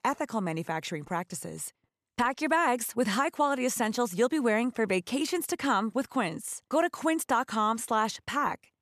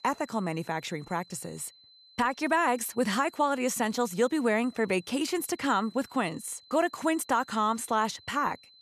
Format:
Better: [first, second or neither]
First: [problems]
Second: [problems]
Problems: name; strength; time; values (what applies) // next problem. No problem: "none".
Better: first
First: none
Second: high-pitched whine; faint; throughout; 4 kHz, 25 dB below the speech